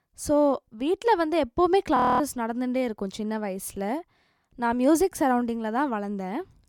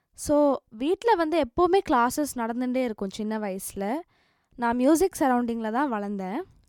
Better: second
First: audio freezing; at 2 s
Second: none

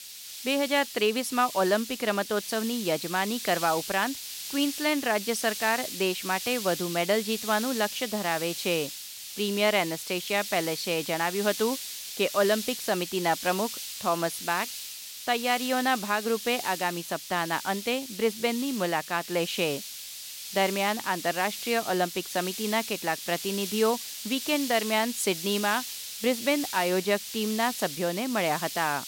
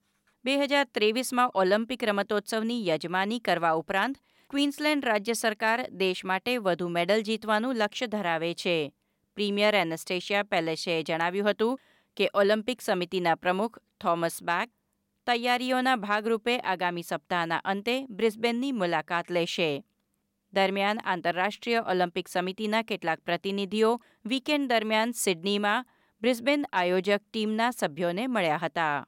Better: second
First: hiss; loud; throughout; 7 dB below the speech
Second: none

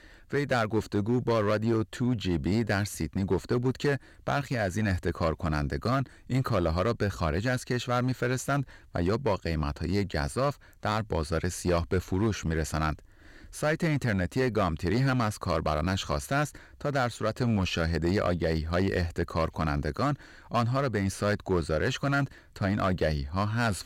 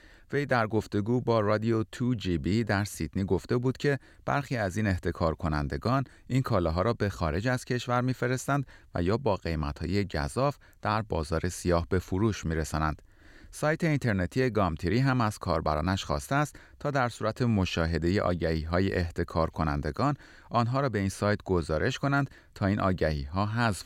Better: second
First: distortion; slight; 6% of the sound clipped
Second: none

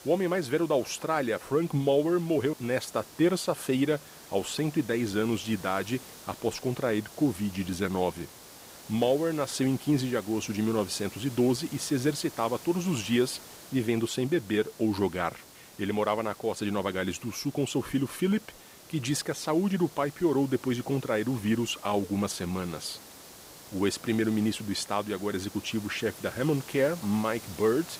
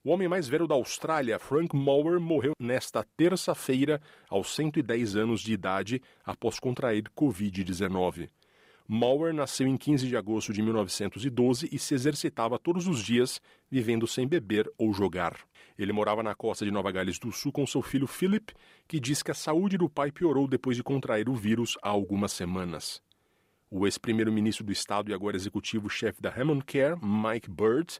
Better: second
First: hiss; noticeable; throughout; 15 dB below the speech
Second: none

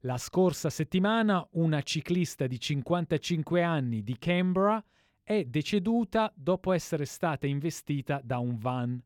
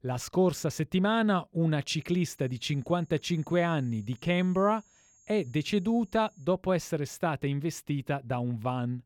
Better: first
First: none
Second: high-pitched whine; faint; from 2 to 6.5 s; 6.5 kHz, 30 dB below the speech

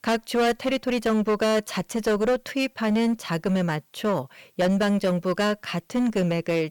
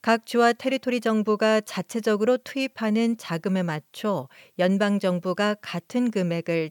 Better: second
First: distortion; slight; 14% of the sound clipped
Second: none

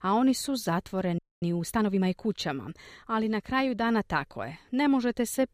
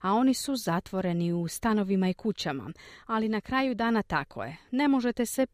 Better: second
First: audio freezing; at 1 s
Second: none

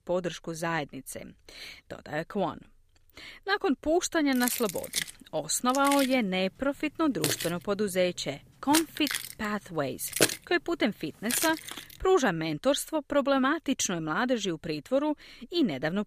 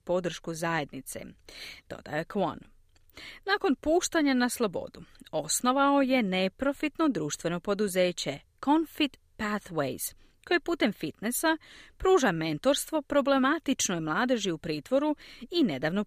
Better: second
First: jangling keys; loud; from 4.5 to 12 s; peak 3 dB above the speech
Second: none

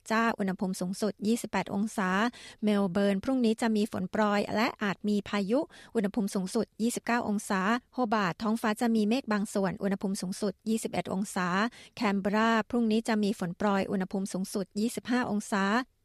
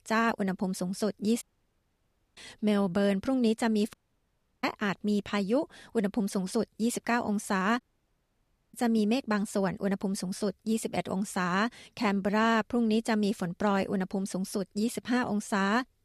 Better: first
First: none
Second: audio cutting out; at 1.5 s for 1 s, at 4 s for 0.5 s and at 8 s for 1 s

